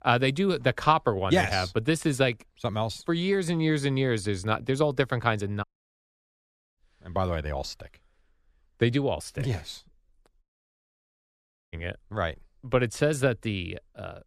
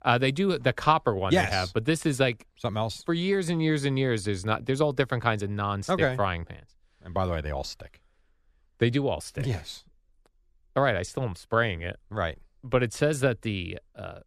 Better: second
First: audio cutting out; at 5.5 s for 1 s and at 10 s for 1.5 s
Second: none

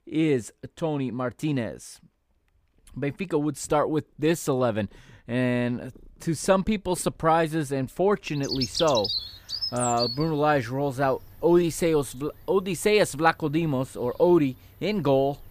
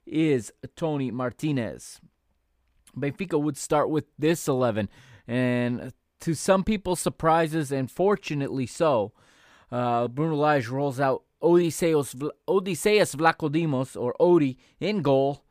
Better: second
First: animal sounds; loud; throughout; 4 dB below the speech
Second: none

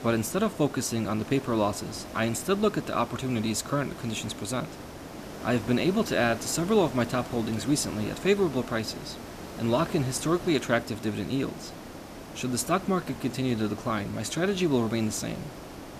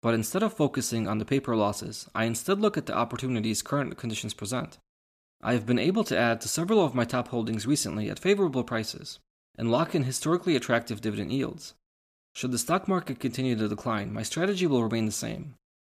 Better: second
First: hiss; noticeable; throughout; 15 dB below the speech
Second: none

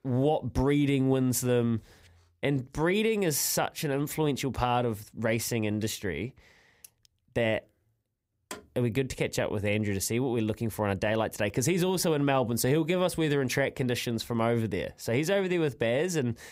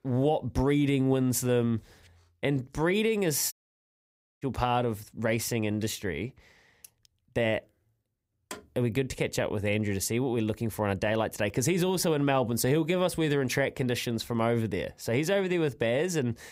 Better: first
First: none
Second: audio cutting out; at 3.5 s for 1 s

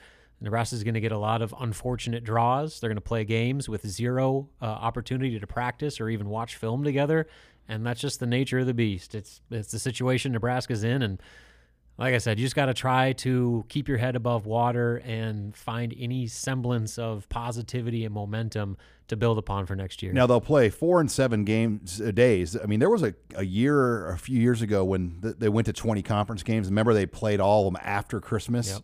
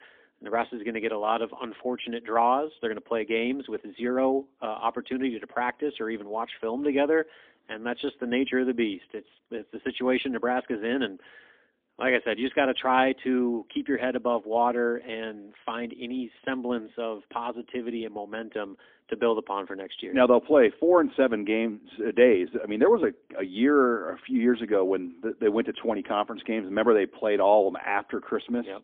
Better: first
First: none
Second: phone-call audio; poor line; nothing above 3.5 kHz

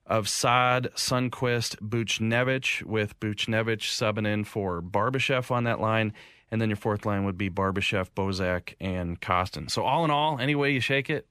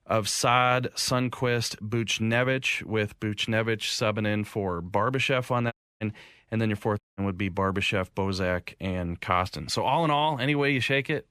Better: first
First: none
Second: audio cutting out; at 5.5 s and at 7 s

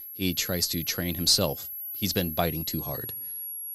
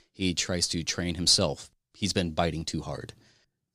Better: second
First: high-pitched whine; loud; throughout; 11.5 kHz, 7 dB below the speech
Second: none

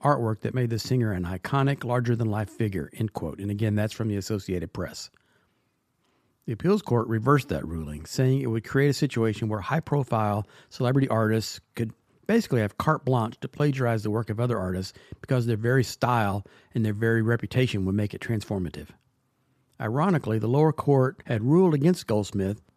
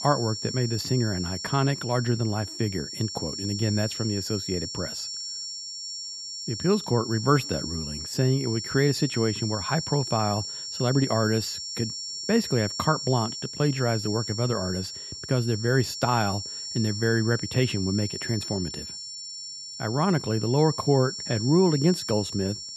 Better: first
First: none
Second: high-pitched whine; loud; throughout; 5.5 kHz, 6 dB below the speech

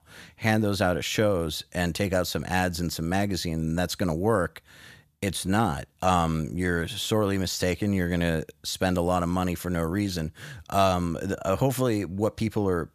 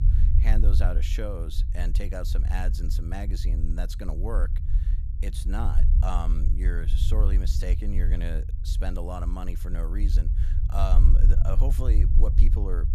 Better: first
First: none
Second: low rumble; loud; throughout; 7 dB below the speech

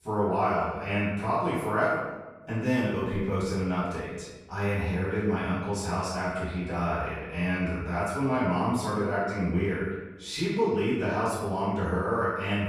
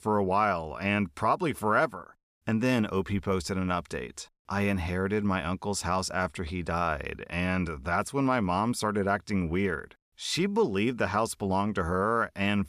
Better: second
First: off-mic speech; far // room echo; strong; dies away in 1 s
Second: none

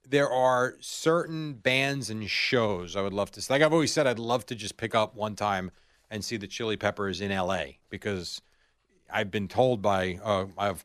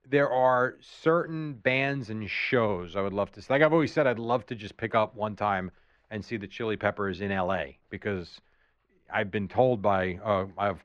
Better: first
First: none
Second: muffled; very; fading above 2 kHz

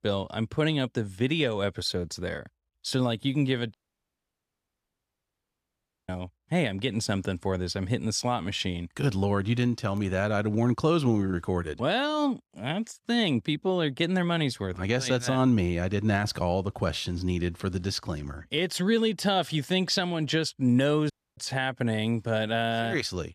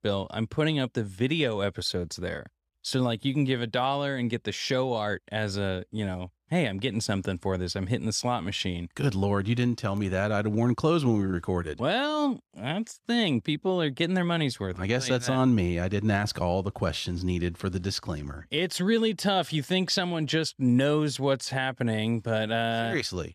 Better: second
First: audio cutting out; at 3.5 s for 2.5 s and at 21 s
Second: none

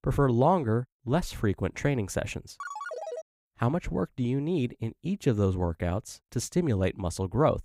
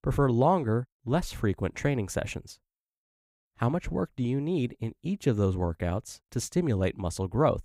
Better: second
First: phone ringing; noticeable; at 2.5 s; peak 8 dB below the speech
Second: none

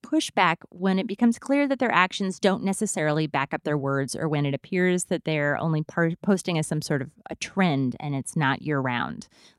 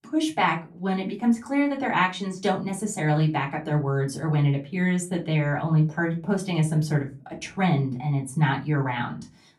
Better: first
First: none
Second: off-mic speech; far // room echo; very slight; dies away in 0.2 s

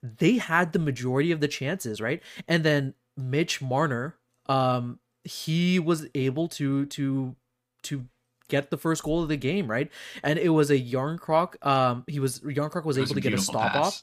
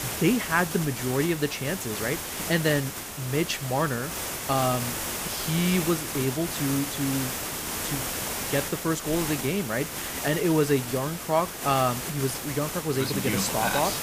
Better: first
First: none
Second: hiss; loud; throughout; 4 dB below the speech

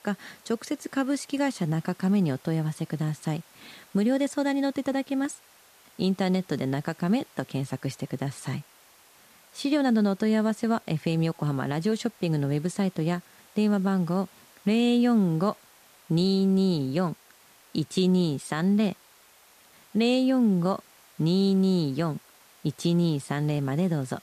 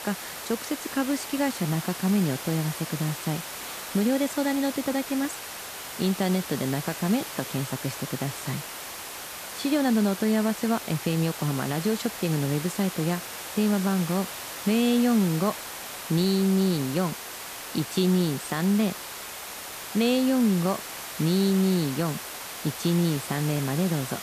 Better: first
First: hiss; faint; throughout; 25 dB below the speech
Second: hiss; loud; throughout; 8 dB below the speech

